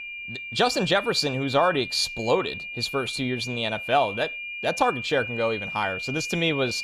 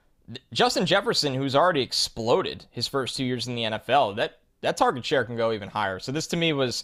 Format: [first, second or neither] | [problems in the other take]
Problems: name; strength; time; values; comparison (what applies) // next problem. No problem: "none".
second | high-pitched whine; loud; throughout; 2.5 kHz, 7 dB below the speech